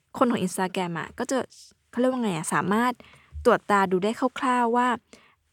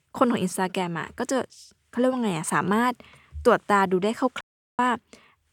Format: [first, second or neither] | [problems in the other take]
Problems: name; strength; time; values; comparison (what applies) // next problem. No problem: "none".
first | audio cutting out; at 4.5 s